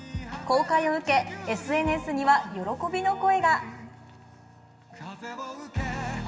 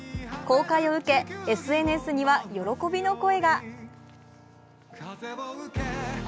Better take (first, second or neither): second